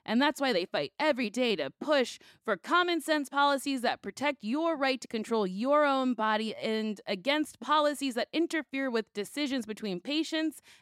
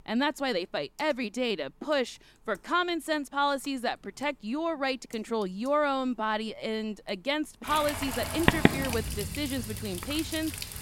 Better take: first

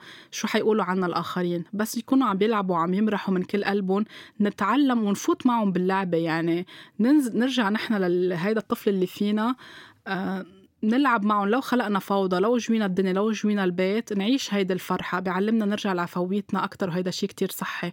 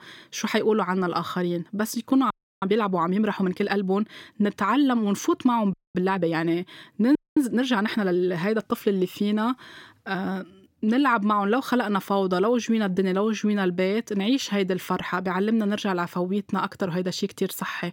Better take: first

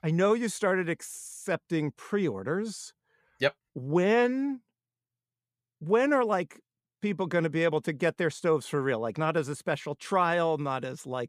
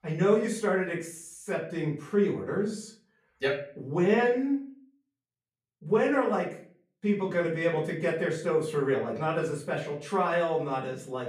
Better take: first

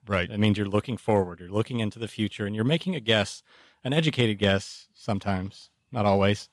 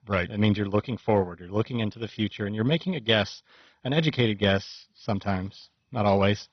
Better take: first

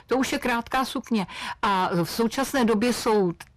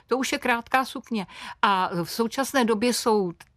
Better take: second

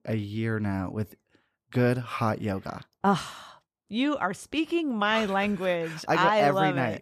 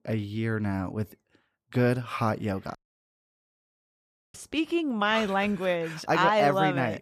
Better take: first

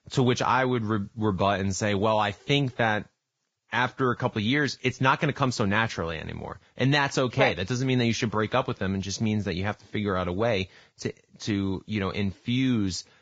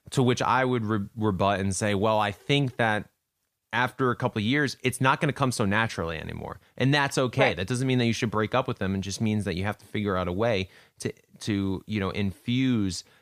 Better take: second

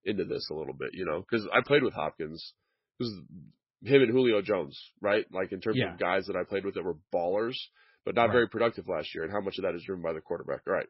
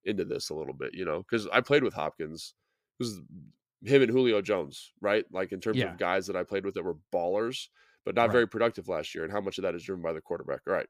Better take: second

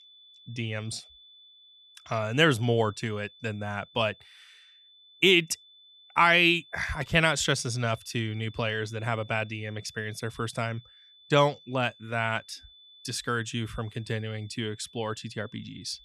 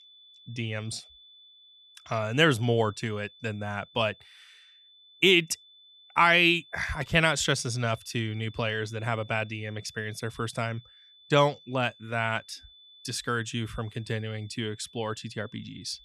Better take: neither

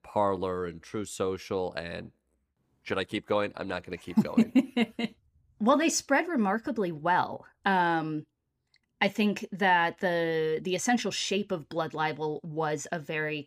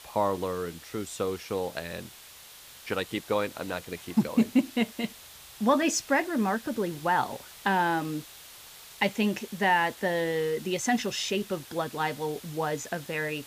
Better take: first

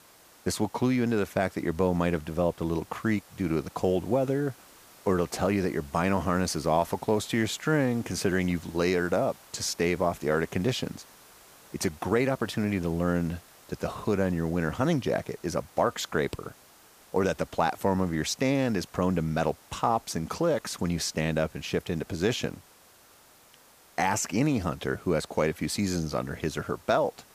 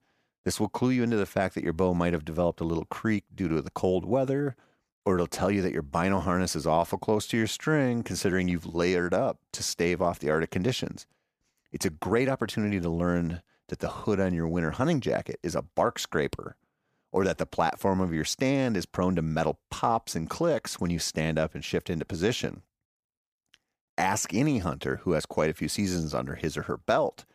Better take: second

